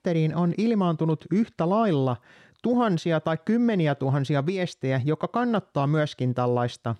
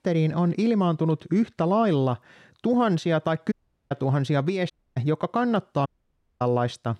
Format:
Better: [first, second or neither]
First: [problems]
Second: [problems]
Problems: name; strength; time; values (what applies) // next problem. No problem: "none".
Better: first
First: none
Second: audio cutting out; at 3.5 s, at 4.5 s and at 6 s for 0.5 s